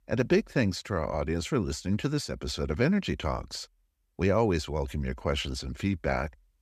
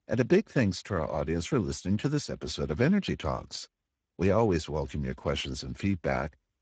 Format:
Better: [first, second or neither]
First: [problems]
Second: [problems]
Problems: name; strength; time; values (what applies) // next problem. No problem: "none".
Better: first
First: none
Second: garbled, watery; badly; nothing above 7.5 kHz